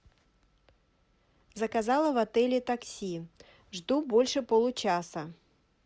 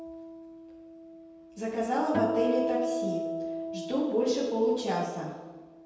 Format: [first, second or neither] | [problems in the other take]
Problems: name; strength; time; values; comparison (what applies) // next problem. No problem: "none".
first | background sound (Acoustic guitar); 4 dB below the speech // room echo; dies away in 1.1 s